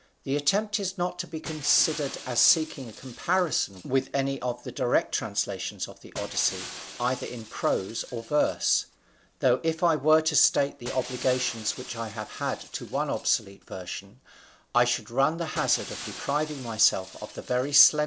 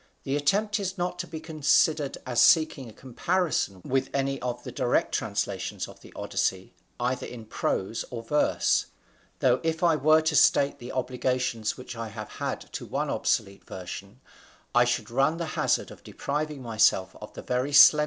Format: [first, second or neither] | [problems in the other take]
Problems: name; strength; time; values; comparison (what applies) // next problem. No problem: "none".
second | background sound (Shatter); 16 dB below the speech